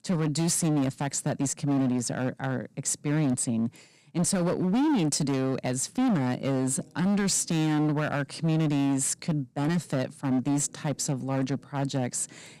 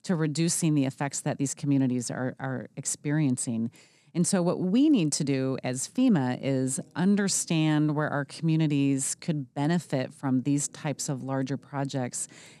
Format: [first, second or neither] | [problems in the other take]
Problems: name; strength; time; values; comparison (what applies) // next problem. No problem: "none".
second | distortion; slight; 16% of the sound clipped